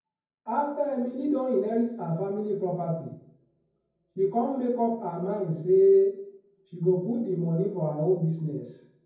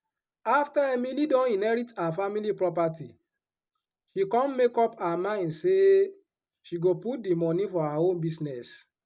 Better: second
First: room echo; dies away in 0.9 s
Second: none

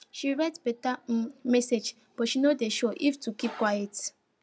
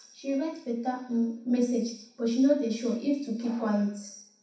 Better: first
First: none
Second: room echo; dies away in 0.6 s

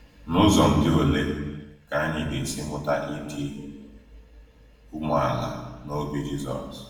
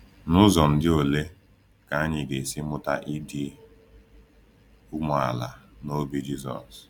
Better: second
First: room echo; dies away in 1 s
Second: none

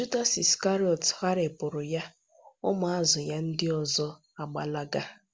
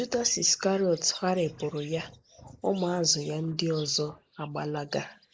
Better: first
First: none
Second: noise reduction (neural mask model Resemble Enhance denoiser)

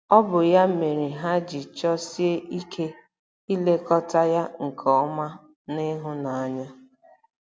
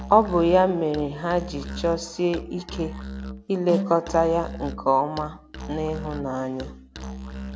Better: first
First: none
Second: background sound (Musical instrument); 10 dB below the speech

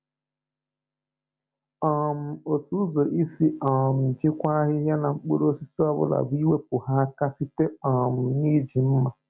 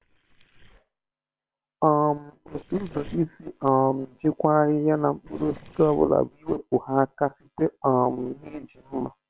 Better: first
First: none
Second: noise reduction (neural separator model SepFormer WHAM!)

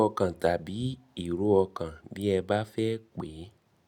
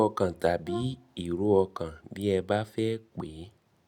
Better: first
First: none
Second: background sound (Brass instrument); 12 dB below the speech

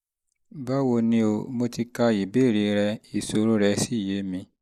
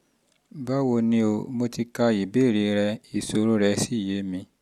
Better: second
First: noise reduction (neural mask model Resemble Enhance denoiser)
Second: none

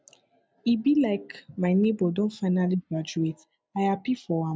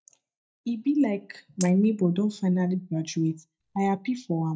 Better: first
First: none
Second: noise reduction (neural mask model DeepFilterNet 3)

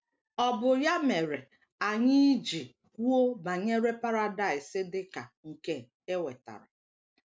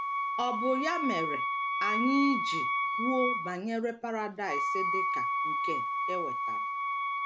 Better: first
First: none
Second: background sound (Wind instrument, woodwind instrument); 2 dB above the speech

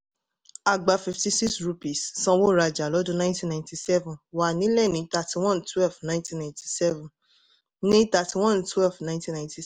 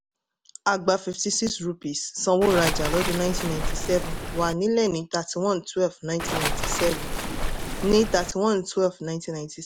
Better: first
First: none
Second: background sound (Waves, surf); 2 dB below the speech

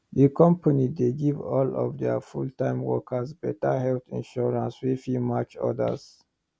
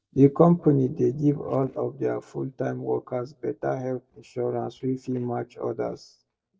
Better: first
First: none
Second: noise reduction (neural mask model DeepFilterNet 3)

